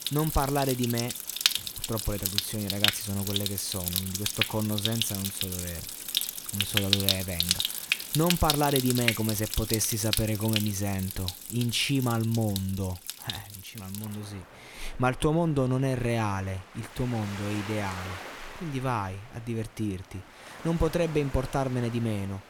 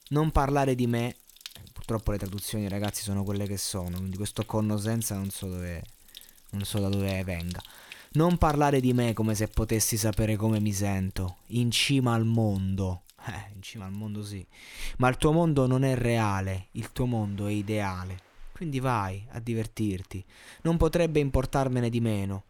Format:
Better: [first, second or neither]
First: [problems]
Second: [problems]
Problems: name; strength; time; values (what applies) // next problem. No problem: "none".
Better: second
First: rain or running water; loud; throughout; as loud as the speech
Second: rain or running water; faint; throughout; 20 dB below the speech